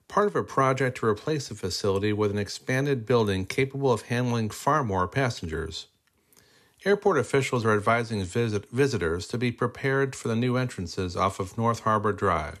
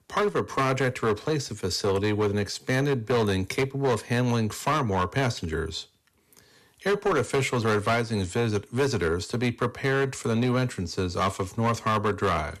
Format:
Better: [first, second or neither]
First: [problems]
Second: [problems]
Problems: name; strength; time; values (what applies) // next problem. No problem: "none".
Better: first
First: none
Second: distortion; slight; 10% of the sound clipped